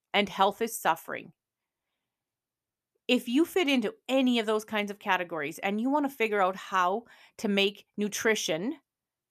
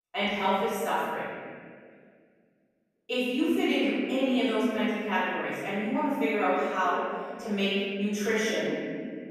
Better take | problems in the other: first | off-mic speech; far // room echo; strong; dies away in 2.1 s

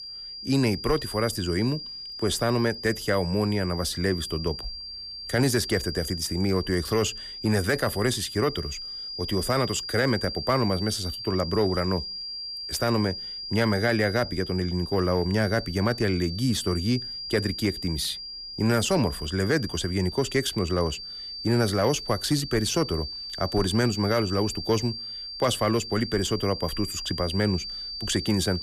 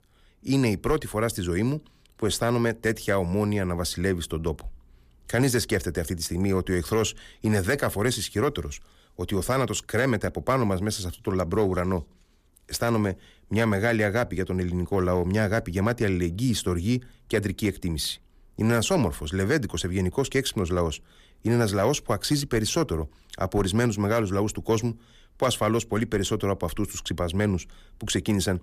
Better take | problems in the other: second | high-pitched whine; loud; throughout; 5 kHz, 8 dB below the speech

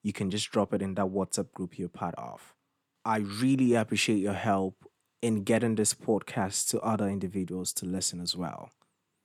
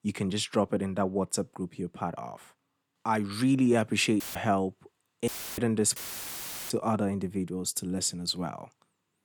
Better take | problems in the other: first | audio cutting out; filled with static; at 4 s, at 5.5 s and at 6 s for 0.5 s

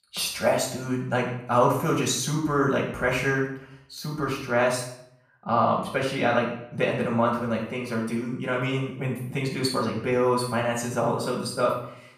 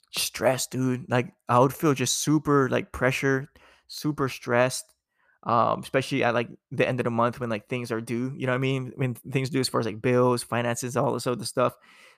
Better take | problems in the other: second | off-mic speech; far // room echo; noticeable; dies away in 0.6 s

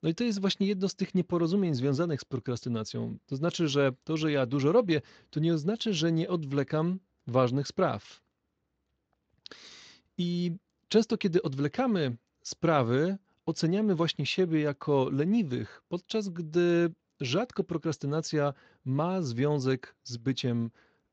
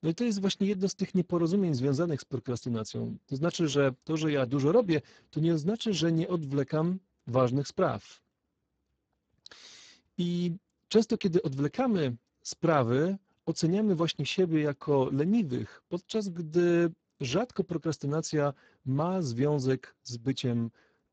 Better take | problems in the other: first | garbled, watery; badly; nothing above 7.5 kHz; slightly in the first

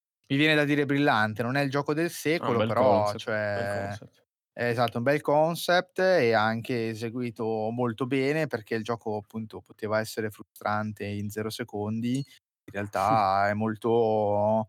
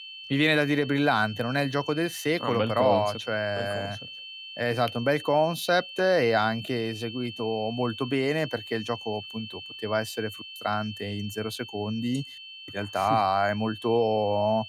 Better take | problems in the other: first | high-pitched whine; noticeable; throughout; 3 kHz, 10 dB below the speech

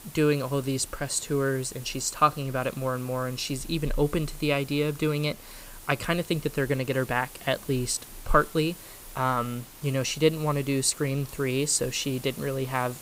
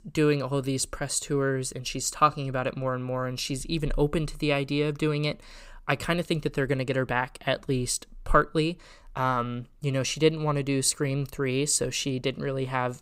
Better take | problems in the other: second | hiss; noticeable; throughout; 15 dB below the speech

